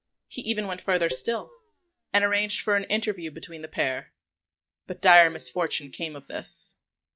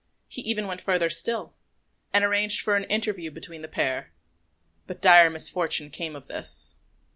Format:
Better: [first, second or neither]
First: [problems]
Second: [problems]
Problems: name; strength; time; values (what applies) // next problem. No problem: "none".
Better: second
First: noise reduction (neural mask model DeepFilterNet 3)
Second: none